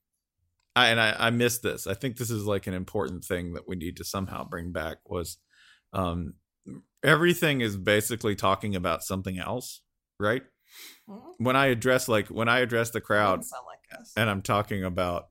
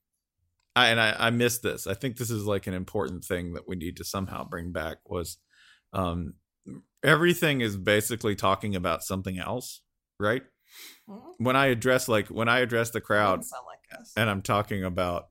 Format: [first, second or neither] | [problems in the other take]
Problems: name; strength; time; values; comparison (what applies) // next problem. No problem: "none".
neither | none